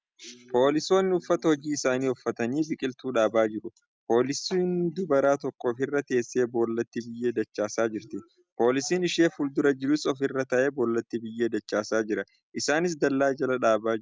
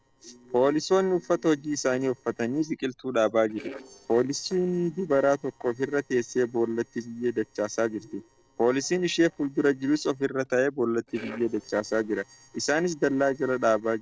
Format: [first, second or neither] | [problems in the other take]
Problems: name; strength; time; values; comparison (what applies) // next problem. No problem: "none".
first | noise reduction (neural separator model SepFormer DNS4)